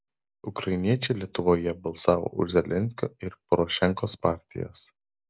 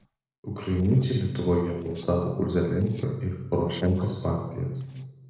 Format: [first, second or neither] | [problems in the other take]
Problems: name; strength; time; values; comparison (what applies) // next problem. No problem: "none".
first | noise reduction (neural separator model SepFormer DNS4)